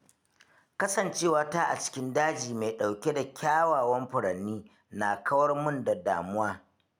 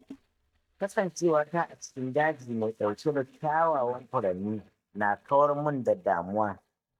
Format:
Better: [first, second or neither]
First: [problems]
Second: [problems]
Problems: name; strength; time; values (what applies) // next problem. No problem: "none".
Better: first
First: none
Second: noise reduction (neural mask model DeepFilterNet 3)